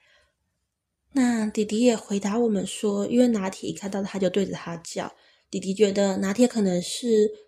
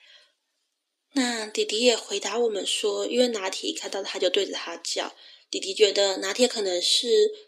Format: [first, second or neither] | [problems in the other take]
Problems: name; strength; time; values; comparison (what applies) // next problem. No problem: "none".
first | thin; somewhat; fading below 250 Hz